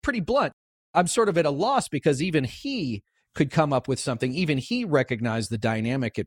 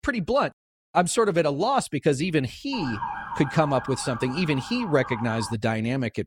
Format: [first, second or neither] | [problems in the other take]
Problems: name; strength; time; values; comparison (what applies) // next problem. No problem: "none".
first | siren; noticeable; from 2.5 to 5.5 s; peak 7 dB below the speech